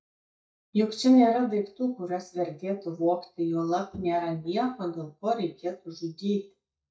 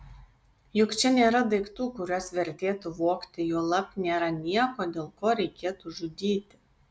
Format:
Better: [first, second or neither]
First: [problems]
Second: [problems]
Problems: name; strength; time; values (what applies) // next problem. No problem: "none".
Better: second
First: noise reduction (neural mask model DeepFilterNet 3)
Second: none